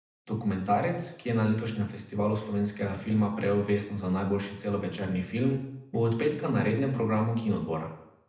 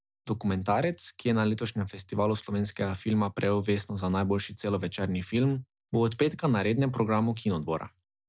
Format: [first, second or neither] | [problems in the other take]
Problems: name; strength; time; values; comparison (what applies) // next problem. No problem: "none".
second | room echo; dies away in 0.7 s